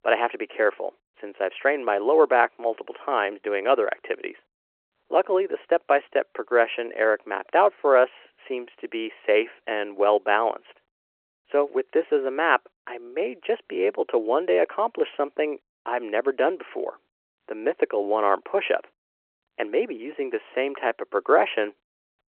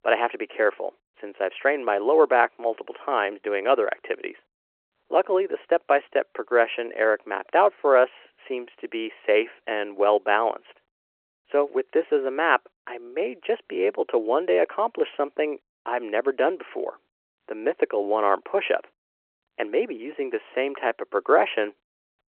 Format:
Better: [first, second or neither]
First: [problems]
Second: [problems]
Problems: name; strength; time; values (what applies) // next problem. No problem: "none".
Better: neither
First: phone-call audio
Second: phone-call audio